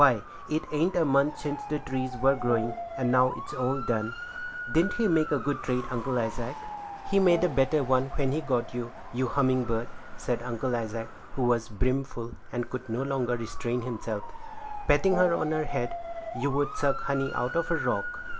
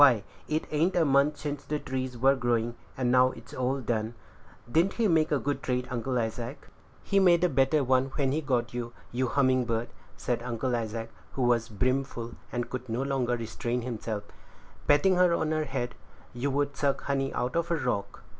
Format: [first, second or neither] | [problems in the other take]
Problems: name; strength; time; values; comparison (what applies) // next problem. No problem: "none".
second | background sound (Brass instrument + Motor vehicle (road) / Siren); 12 dB below the speech